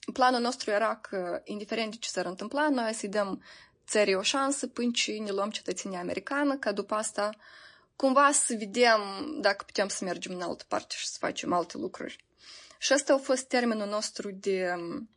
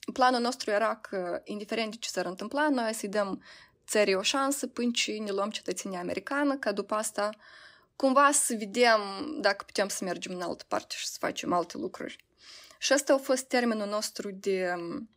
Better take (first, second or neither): second